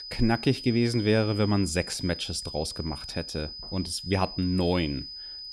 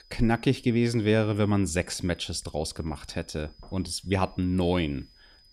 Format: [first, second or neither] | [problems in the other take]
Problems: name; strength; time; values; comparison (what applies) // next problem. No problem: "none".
second | high-pitched whine; loud; throughout; 5 kHz, 10 dB below the speech; faint in the second